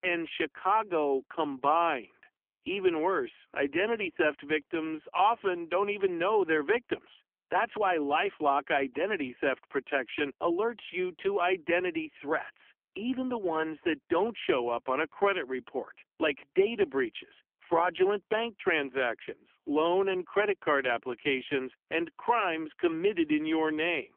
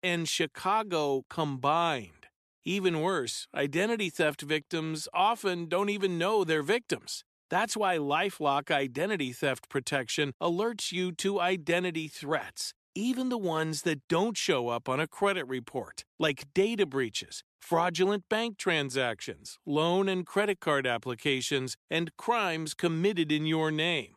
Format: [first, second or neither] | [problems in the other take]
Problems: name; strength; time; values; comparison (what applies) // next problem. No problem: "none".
second | phone-call audio; poor line; nothing above 3 kHz